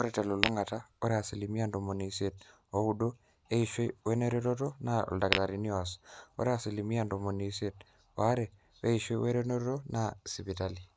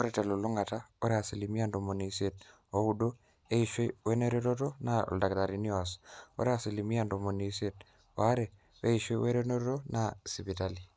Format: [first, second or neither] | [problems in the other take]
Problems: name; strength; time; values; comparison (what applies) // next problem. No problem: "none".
second | background sound (Tap / Glass); 3 dB below the speech